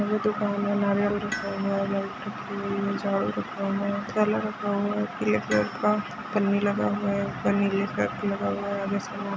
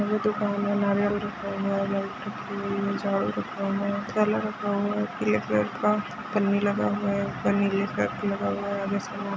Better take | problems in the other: second | background sound (Tools); 18 dB below the speech

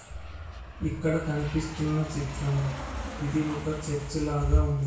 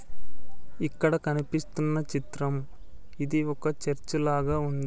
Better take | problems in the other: second | background sound (Aircraft); 14 dB below the speech // room echo; dies away in 0.6 s

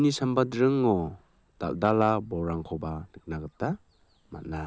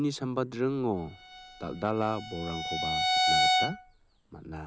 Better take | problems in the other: first | background sound (Bowed string instrument); 3 dB above the speech

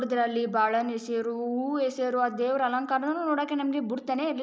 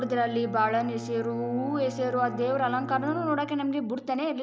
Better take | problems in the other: first | background sound (Bowed string instrument); 11 dB below the speech

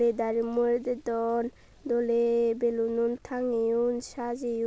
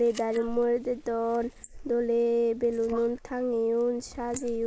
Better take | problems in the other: first | noise reduction (neural mask model Resemble Enhance denoiser)

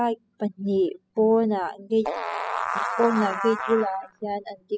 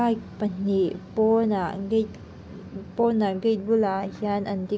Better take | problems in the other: second | noise reduction (classical method spectral subtraction)

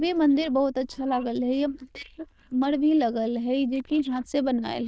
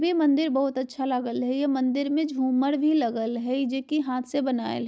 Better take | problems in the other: second | noise reduction (neural diffusion model UNIVERSE++)

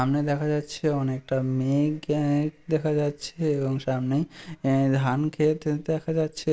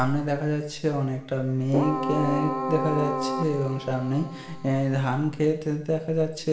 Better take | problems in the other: first | background sound (Keyboard (musical)); 4 dB below the speech // room echo; dies away in 0.7 s

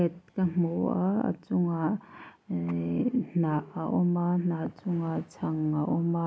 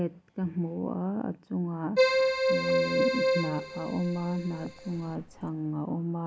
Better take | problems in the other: first | background sound (Keyboard (musical)); 4 dB above the speech

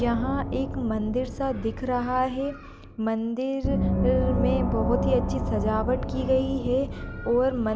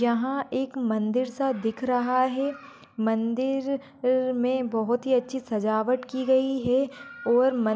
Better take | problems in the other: second | background sound (Gong); 2 dB below the speech

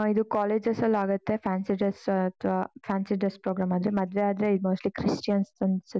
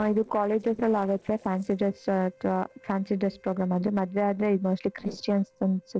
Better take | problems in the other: first | noise reduction (neural separator model SepFormer DNS4)

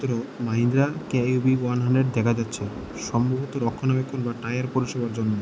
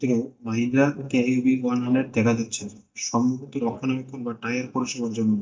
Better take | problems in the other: first | noise reduction (neural mask model DeepFilterNet 3)

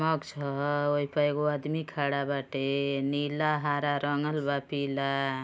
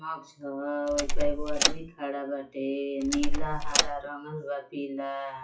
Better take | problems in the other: first | noise reduction (classical method WPE with log-MMSE)

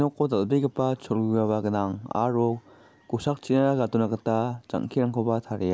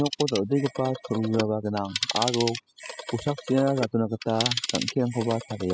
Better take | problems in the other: first | noise reduction (classical method spectral subtraction)

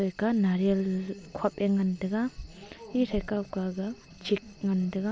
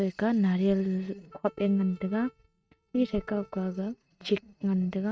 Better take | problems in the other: first | noise reduction (neural mask model RNNoise)

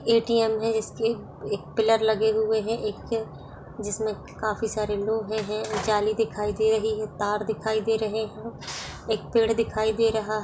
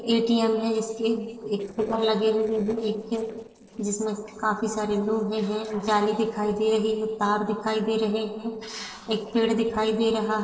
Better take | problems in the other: first | noise reduction (neural separator model SepFormer DNS4)

